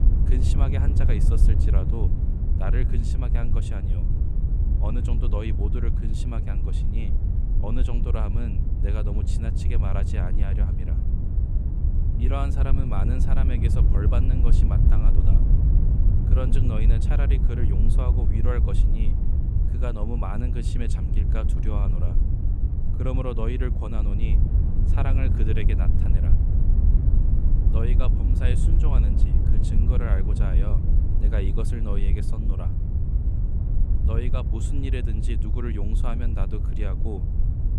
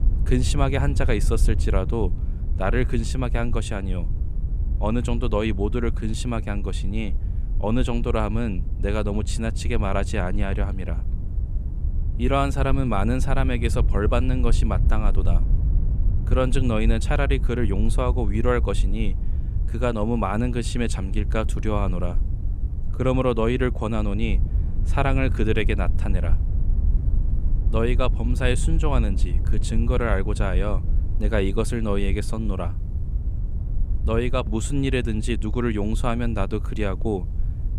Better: second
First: wind noise on the microphone; heavy; 2 dB below the speech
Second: wind noise on the microphone; occasional gusts; 15 dB below the speech

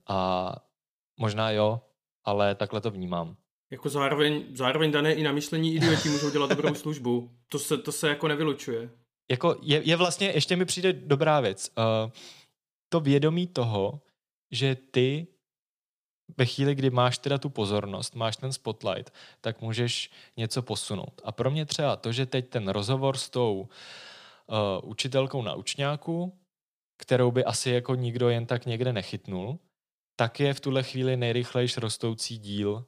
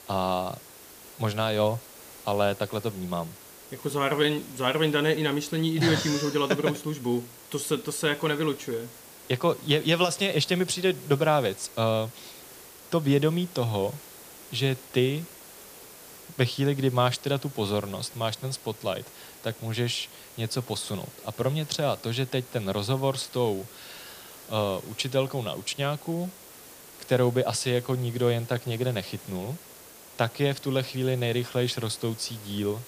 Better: first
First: none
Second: hiss; noticeable; throughout; 15 dB below the speech

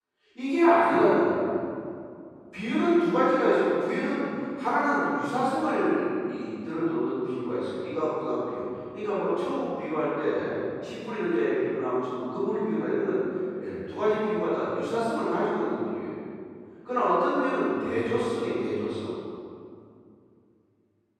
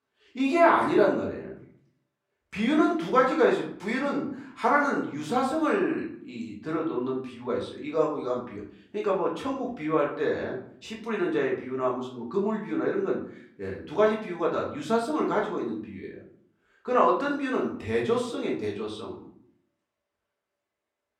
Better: second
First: room echo; strong; dies away in 2.3 s // off-mic speech; far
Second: room echo; slight; dies away in 0.5 s // off-mic speech; far

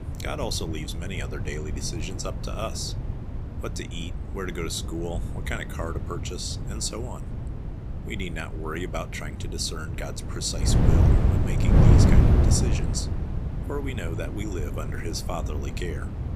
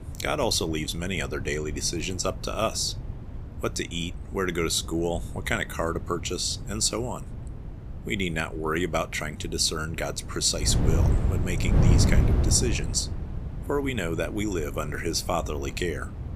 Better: second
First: wind noise on the microphone; heavy; 3 dB below the speech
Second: wind noise on the microphone; occasional gusts; 15 dB below the speech

